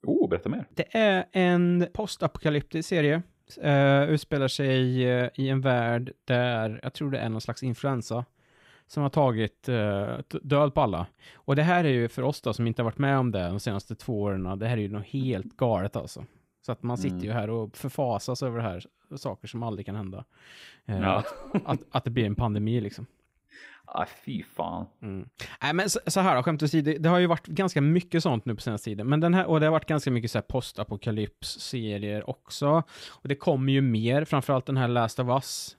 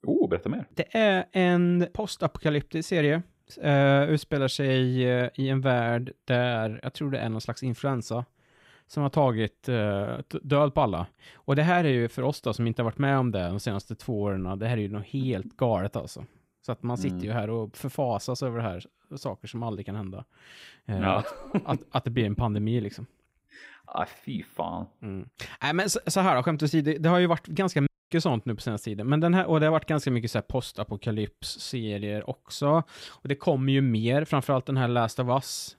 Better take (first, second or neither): first